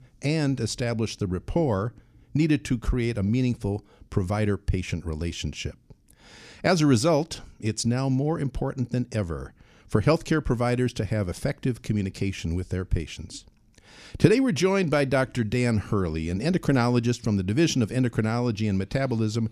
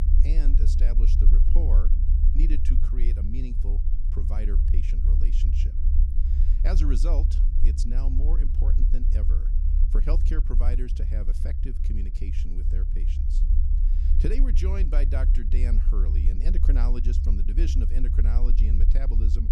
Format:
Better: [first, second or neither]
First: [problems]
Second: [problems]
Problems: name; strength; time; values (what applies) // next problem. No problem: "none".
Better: first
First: none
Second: low rumble; loud; throughout; 4 dB below the speech